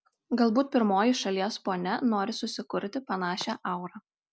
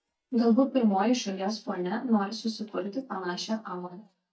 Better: first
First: none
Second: noise reduction (neural mask model DeepFilterNet 3)

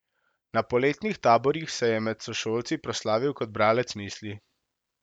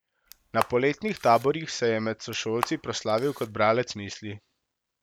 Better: first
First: none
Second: background sound (Camera); 11 dB below the speech

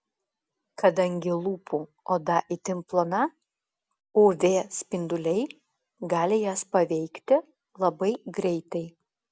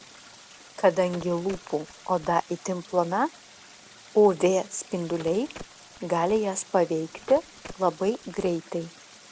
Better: first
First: none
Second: background sound (Stream + Telephone); 20 dB below the speech

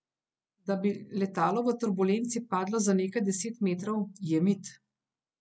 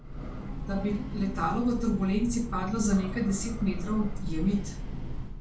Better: first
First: none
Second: background sound (Train / Breathing); 4 dB below the speech // room echo; dies away in 0.3 s

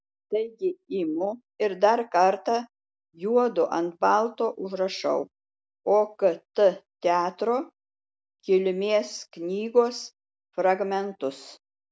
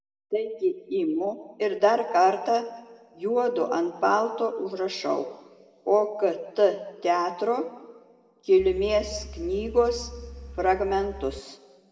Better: first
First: none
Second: background sound (Engine); 14 dB below the speech // room echo; dies away in 1.2 s

